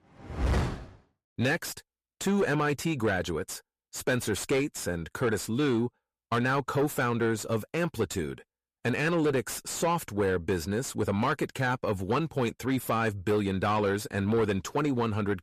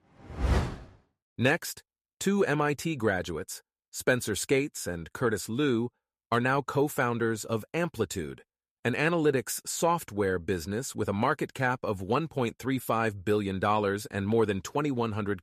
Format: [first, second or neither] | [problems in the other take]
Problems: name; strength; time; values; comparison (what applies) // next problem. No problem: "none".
second | distortion; slight; 10 dB below the speech